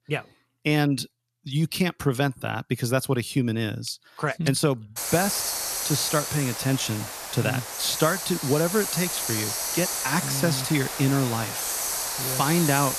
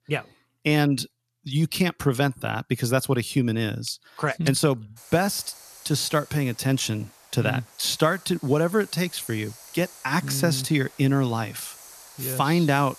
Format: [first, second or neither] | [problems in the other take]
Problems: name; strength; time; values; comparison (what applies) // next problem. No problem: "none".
second | hiss; loud; from 5 s on; 2 dB below the speech; faint in the second